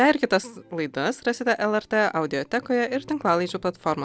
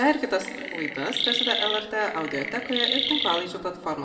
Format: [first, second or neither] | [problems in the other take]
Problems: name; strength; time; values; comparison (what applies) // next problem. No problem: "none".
first | background sound (Chirp, tweet); 1 dB below the speech // room echo; dies away in 1.7 s